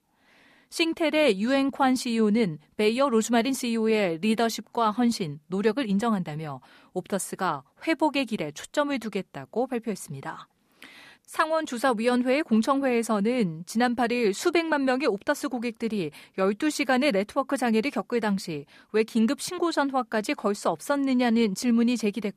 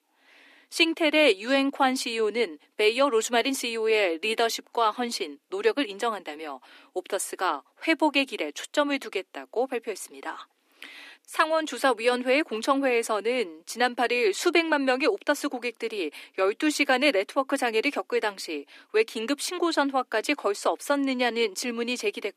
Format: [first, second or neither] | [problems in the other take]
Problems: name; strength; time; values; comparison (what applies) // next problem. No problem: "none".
first | thin; very slightly; fading below 300 Hz